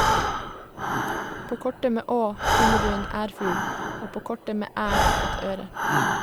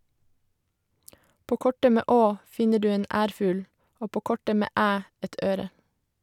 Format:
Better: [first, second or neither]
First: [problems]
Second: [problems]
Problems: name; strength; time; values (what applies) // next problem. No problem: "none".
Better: second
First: background sound (Breathing); 4 dB above the speech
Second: none